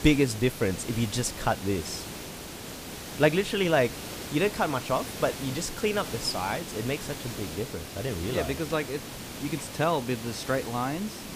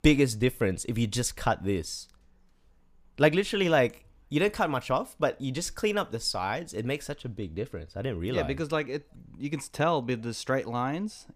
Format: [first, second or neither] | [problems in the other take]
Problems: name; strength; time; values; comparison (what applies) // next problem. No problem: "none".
second | hiss; loud; throughout; 9 dB below the speech